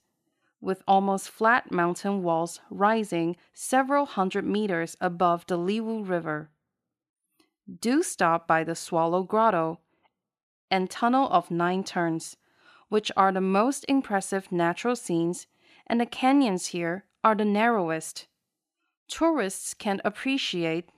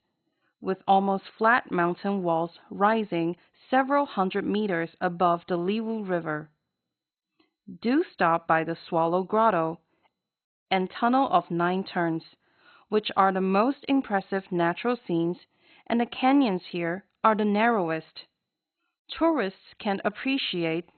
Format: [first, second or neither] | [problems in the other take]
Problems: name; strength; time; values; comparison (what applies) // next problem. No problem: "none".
first | garbled, watery; badly; nothing above 4 kHz